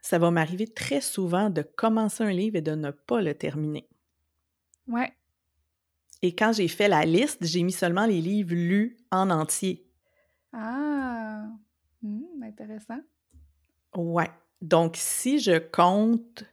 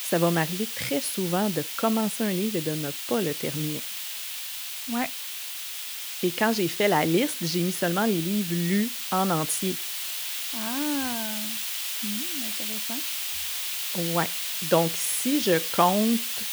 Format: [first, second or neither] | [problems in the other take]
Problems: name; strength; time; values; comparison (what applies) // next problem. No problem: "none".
first | hiss; loud; throughout; 3 dB below the speech